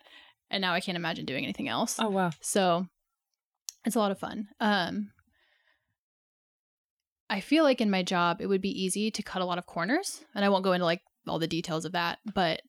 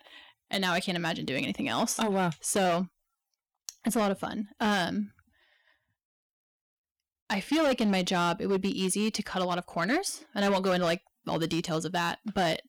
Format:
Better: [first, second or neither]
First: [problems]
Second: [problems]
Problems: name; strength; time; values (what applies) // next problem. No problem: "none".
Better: first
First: none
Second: distortion; slight; 8% of the sound clipped